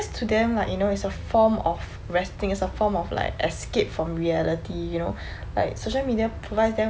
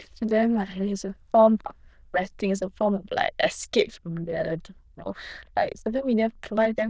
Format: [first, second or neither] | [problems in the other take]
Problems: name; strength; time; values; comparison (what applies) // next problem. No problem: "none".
first | noise reduction (neural diffusion model UNIVERSE++)